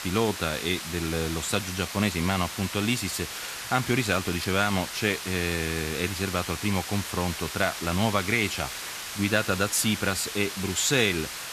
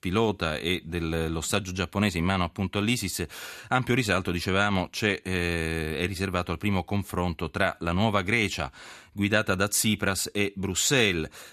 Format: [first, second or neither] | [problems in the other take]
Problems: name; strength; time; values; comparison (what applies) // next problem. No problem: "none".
second | hiss; loud; throughout; 7 dB below the speech